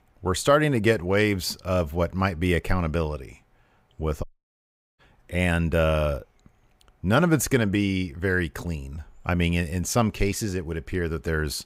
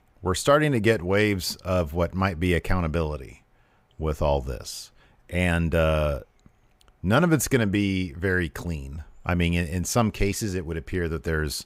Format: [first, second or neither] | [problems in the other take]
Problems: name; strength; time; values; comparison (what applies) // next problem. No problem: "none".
second | audio cutting out; at 4 s for 0.5 s